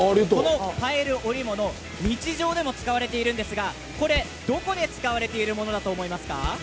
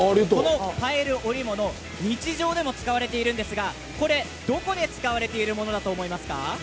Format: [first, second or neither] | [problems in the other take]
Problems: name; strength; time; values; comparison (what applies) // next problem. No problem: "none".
second | background sound (Thump, thud); 16 dB below the speech